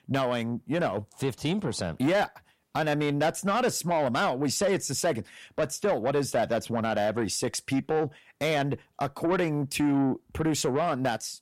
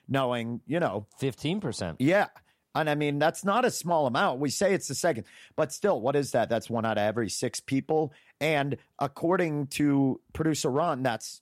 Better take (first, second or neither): second